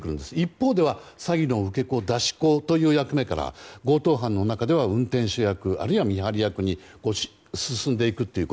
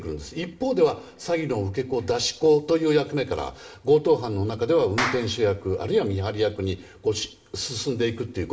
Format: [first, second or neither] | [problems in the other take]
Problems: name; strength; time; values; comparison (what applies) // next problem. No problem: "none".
first | background sound (Clapping); 11 dB below the speech // room echo; dies away in 0.5 s